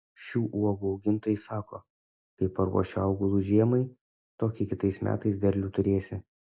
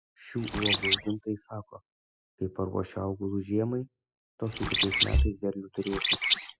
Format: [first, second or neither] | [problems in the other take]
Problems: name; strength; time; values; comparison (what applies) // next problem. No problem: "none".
first | noise reduction (classical method spectral subtraction)